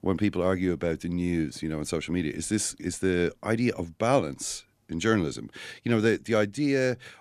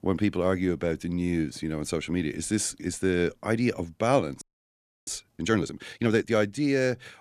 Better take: first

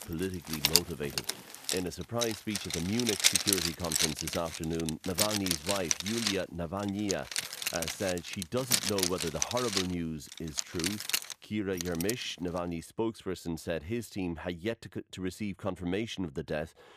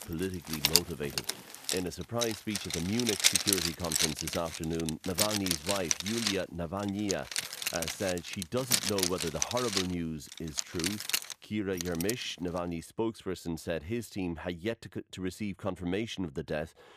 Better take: neither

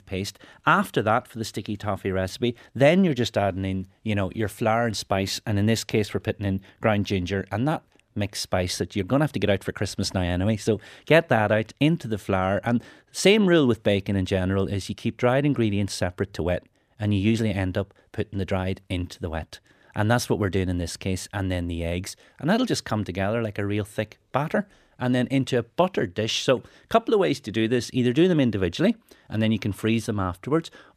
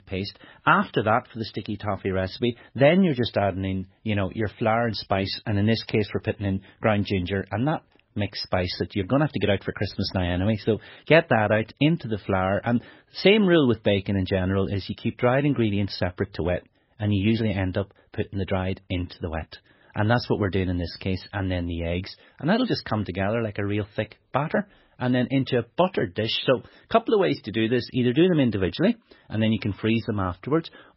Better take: first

